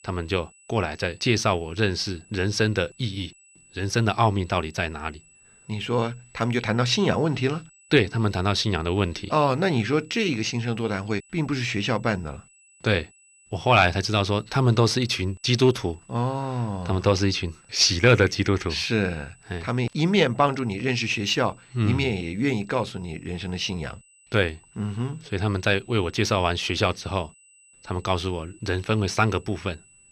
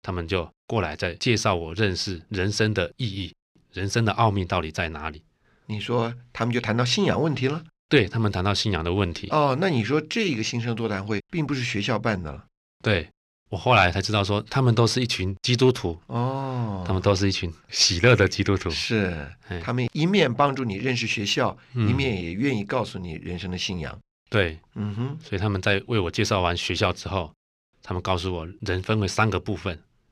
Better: second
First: high-pitched whine; faint; throughout; 8 kHz, 30 dB below the speech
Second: none

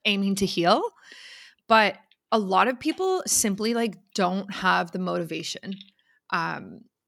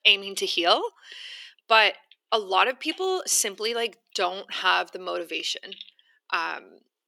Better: first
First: none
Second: thin; very; fading below 350 Hz

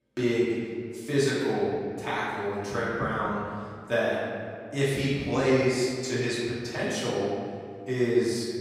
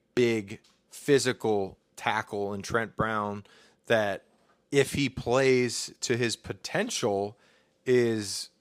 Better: second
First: off-mic speech; far // room echo; strong; dies away in 2 s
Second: none

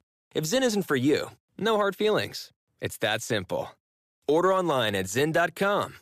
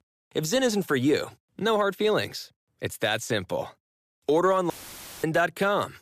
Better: first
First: none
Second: audio cutting out; filled with static; at 4.5 s for 0.5 s

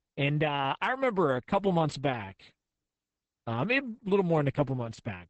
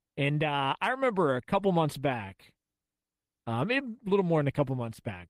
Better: second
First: garbled, watery; badly; nothing above 8 kHz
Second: garbled, watery; slightly; nothing above 15.5 kHz

